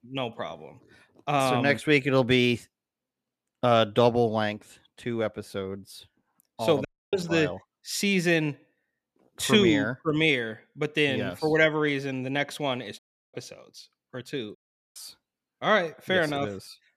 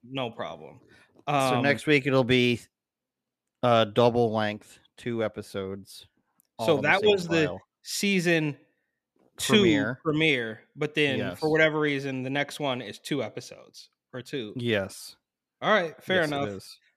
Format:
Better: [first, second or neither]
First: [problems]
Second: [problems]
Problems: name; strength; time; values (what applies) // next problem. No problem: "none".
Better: second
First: audio cutting out; at 7 s, at 13 s and at 15 s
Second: none